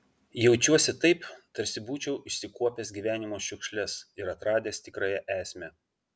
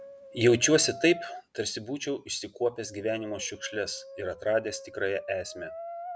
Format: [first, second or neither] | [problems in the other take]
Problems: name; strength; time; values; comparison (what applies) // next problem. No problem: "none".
first | background sound (Brass instrument); 15 dB below the speech